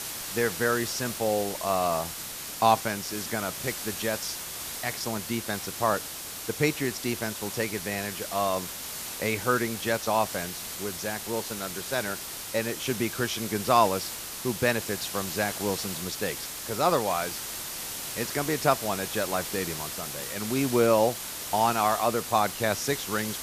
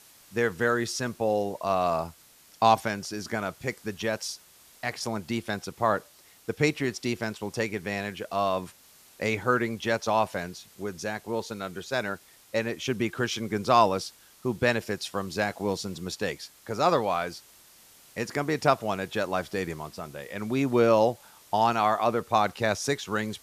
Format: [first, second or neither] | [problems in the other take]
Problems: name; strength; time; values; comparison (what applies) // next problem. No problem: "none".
second | hiss; loud; throughout; 5 dB below the speech; faint in the second